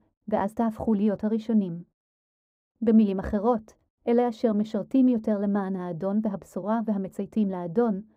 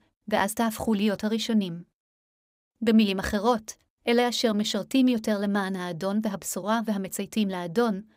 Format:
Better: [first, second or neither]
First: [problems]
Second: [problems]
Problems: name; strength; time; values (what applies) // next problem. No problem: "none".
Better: second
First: muffled; very; fading above 1.5 kHz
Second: none